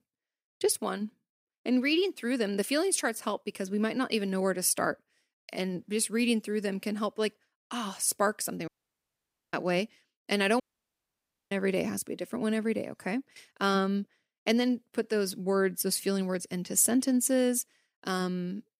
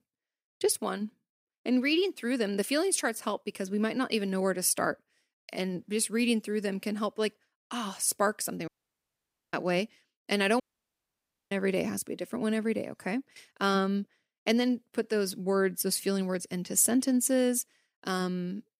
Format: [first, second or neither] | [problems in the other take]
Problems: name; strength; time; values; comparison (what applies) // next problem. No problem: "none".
neither | audio cutting out; at 8.5 s for 1 s and at 11 s for 1 s; the same in both